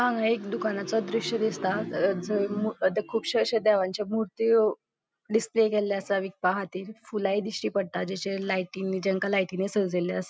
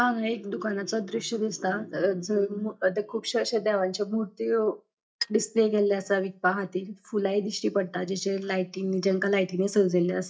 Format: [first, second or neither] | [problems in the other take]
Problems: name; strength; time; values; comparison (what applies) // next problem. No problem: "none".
first | noise reduction (neural mask model DeepFilterNet 3)